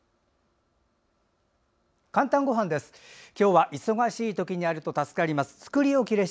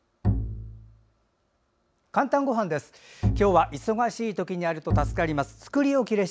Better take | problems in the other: first | background sound (Bowed string instrument); 4 dB below the speech

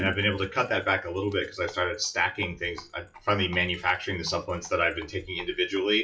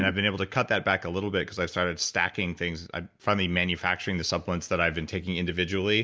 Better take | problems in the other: second | noise reduction (classical method WPE with log-MMSE)

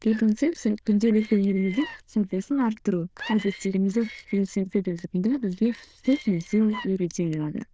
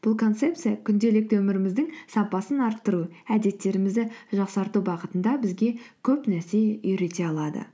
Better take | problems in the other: second | noise reduction (neural diffusion model UNIVERSE++)

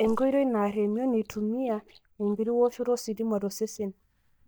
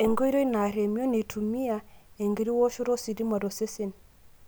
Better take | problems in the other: second | noise reduction (neural mask model DeepFilterNet 3)

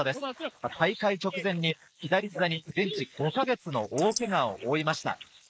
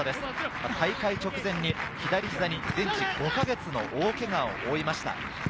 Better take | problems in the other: second | noise reduction (neural mask model Resemble Enhance denoiser)

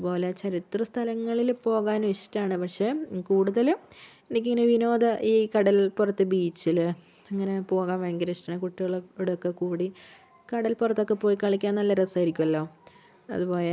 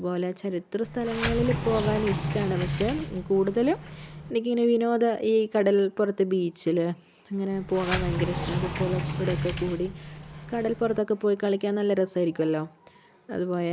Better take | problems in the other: first | background sound (Sliding door); 5 dB below the speech

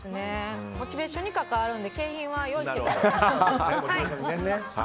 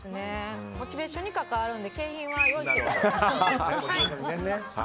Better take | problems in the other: first | background sound (Bird); 1 dB below the speech

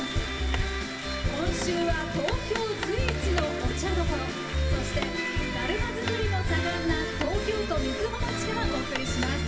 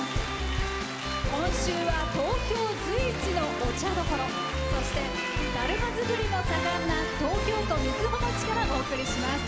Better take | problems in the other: second | background sound (Hammer); 15 dB below the speech // room echo; dies away in 0.1 s

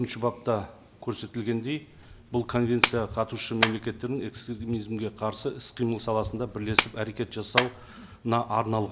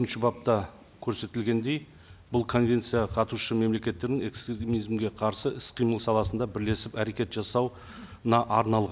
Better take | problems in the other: second | background sound (Clapping); 5 dB below the speech // room echo; dies away in 2.2 s

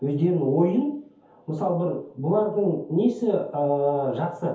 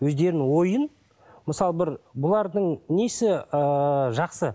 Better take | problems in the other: second | room echo; dies away in 0.5 s

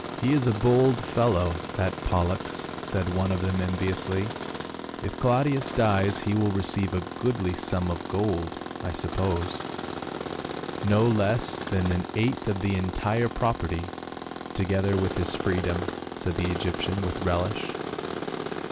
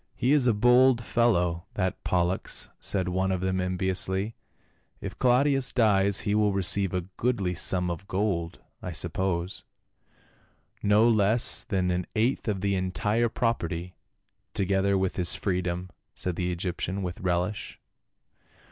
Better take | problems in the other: second | background sound (Tools); 7 dB below the speech

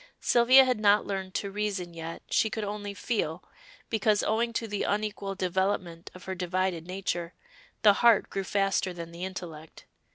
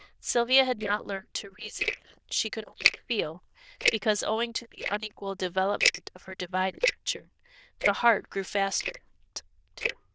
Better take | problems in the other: first | noise reduction (neural diffusion model UNIVERSE++)

